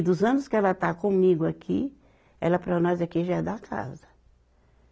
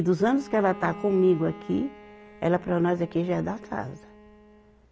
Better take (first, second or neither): first